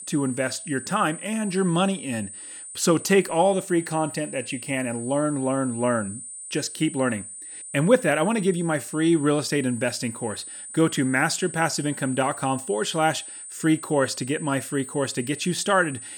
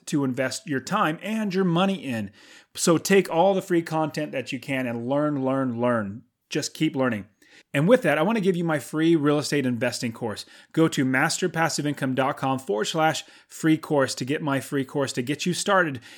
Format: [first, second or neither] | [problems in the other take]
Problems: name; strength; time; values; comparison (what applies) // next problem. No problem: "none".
second | high-pitched whine; noticeable; throughout; 8.5 kHz, 10 dB below the speech